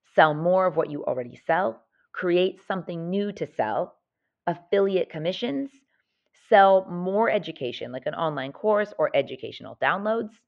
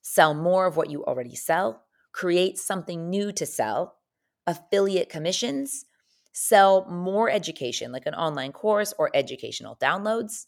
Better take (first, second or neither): second